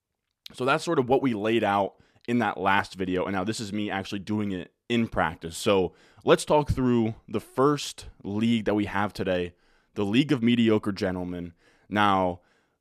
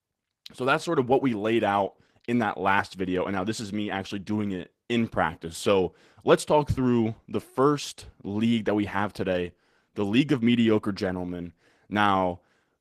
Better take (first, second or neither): first